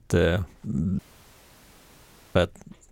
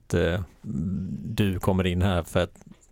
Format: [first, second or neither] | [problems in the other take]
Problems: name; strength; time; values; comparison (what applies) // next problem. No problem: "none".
second | audio cutting out; at 1 s for 1.5 s